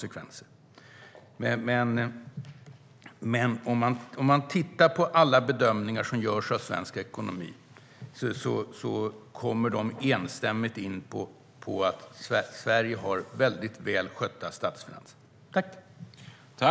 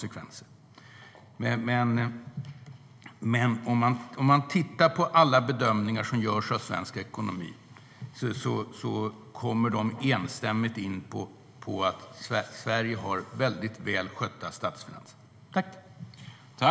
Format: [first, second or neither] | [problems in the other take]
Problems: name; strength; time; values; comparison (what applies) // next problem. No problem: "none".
first | room echo; dies away in 0.8 s